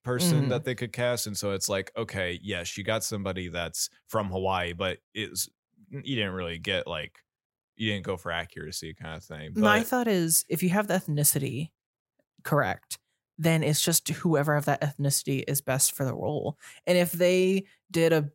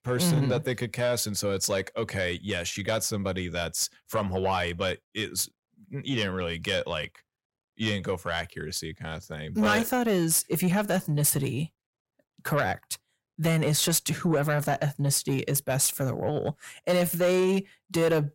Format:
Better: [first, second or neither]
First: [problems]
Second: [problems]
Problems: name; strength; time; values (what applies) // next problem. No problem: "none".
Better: first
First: none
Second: distortion; slight; 10 dB below the speech